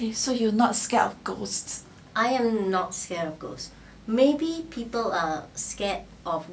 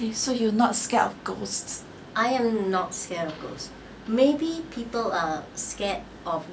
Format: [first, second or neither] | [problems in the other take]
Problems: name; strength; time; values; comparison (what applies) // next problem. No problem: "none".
first | background sound (Mechanisms); 18 dB below the speech